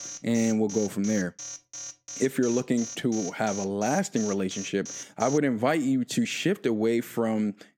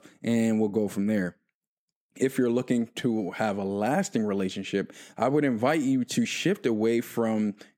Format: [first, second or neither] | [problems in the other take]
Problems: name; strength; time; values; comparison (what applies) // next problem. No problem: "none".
second | alarm; faint; until 5.5 s; peak 10 dB below the speech